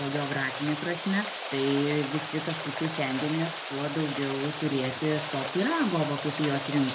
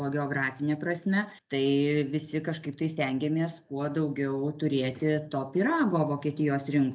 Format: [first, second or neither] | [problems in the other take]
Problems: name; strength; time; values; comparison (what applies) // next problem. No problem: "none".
second | background sound (Rain); 6 dB below the speech